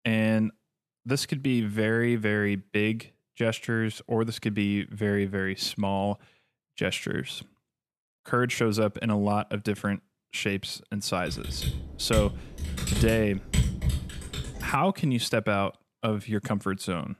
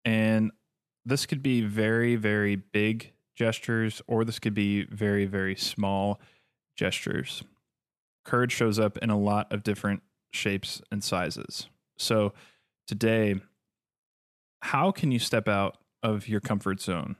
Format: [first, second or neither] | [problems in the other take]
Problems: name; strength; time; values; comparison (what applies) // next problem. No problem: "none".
second | keyboard typing; loud; from 11 to 15 s; peak 2 dB above the speech